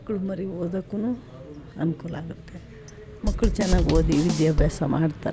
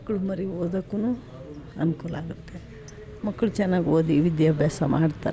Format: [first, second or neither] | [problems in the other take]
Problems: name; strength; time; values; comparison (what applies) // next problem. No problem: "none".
second | background sound (Drum / Drum kit); 2 dB above the speech